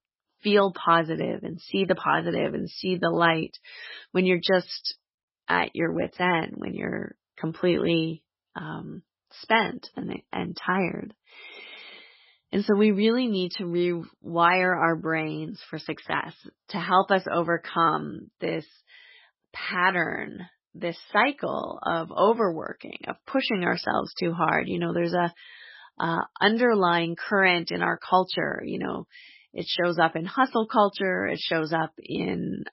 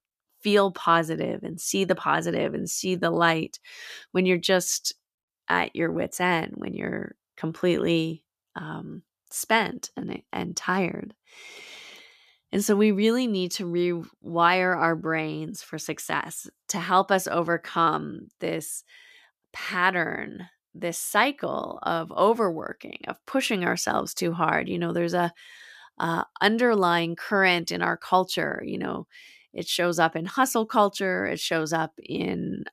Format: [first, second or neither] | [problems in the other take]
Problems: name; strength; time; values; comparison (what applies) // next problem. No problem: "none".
second | garbled, watery; badly; nothing above 5.5 kHz